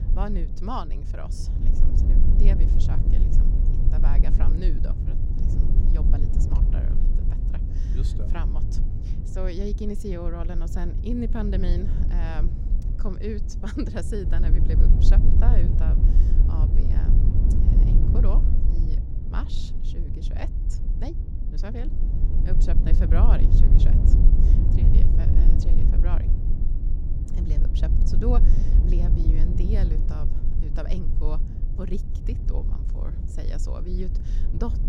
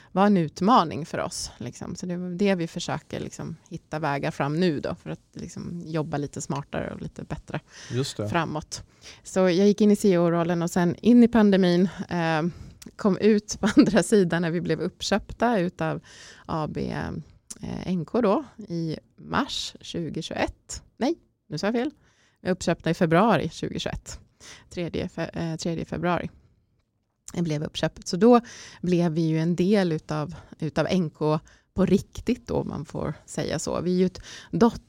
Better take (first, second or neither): second